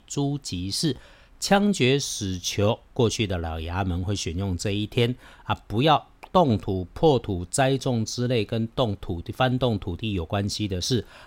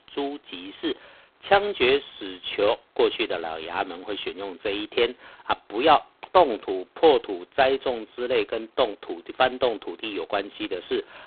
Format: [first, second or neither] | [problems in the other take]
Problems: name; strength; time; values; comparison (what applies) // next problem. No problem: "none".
first | phone-call audio; poor line; nothing above 3.5 kHz